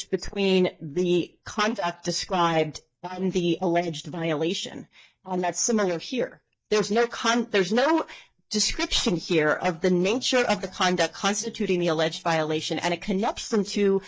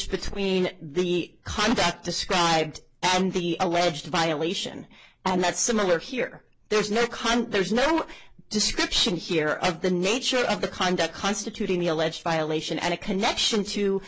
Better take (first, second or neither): second